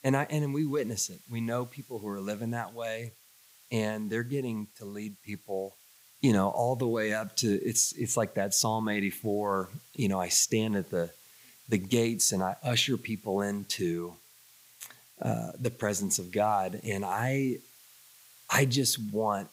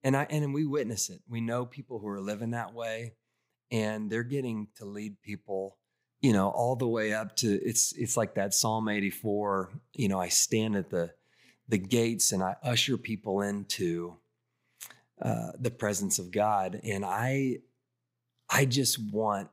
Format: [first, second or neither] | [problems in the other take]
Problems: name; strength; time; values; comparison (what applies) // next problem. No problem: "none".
second | hiss; faint; throughout; 25 dB below the speech